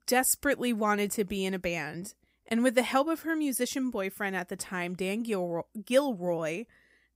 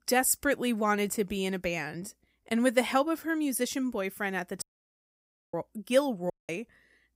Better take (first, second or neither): first